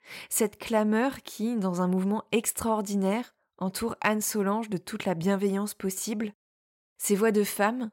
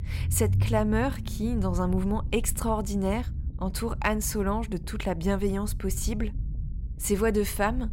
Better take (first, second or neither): first